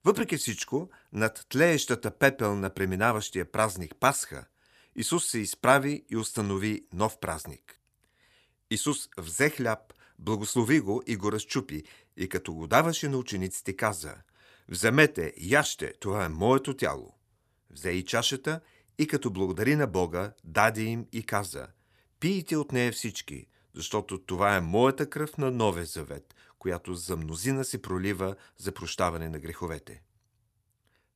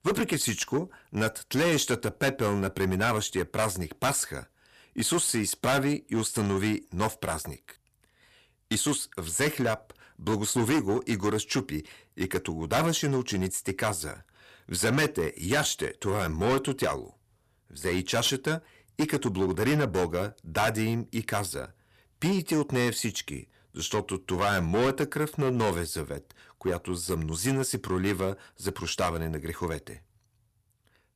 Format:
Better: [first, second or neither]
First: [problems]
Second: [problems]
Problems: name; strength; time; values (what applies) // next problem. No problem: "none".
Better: first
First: none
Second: distortion; heavy; 8% of the sound clipped